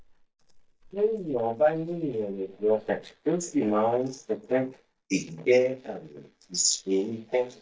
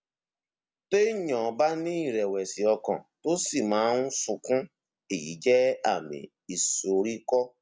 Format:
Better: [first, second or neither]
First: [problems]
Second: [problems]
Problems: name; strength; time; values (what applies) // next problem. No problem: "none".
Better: second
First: noise reduction (neural mask model DeepFilterNet 3)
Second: none